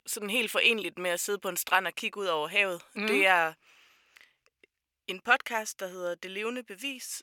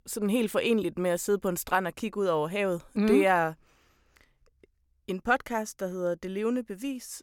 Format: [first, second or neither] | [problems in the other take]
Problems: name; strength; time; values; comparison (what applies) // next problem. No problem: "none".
second | thin; somewhat; fading below 950 Hz